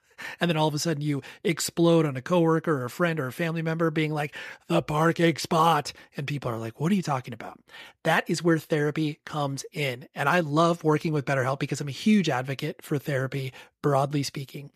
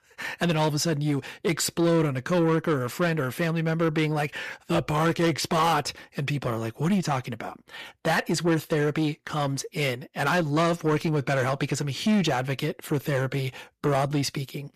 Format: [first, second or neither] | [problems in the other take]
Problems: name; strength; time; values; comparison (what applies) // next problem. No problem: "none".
first | distortion; slight; 10 dB below the speech